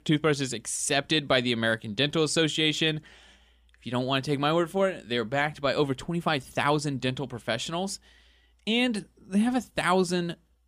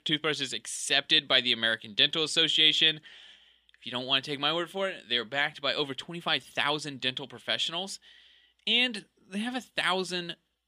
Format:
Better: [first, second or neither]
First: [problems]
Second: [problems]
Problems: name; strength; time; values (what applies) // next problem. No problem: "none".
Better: first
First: none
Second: thin; very slightly; fading below 250 Hz